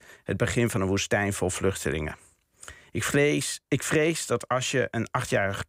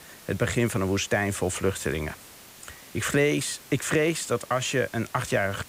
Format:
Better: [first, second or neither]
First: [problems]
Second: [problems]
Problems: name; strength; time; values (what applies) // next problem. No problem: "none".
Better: first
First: none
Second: hiss; noticeable; throughout; 20 dB below the speech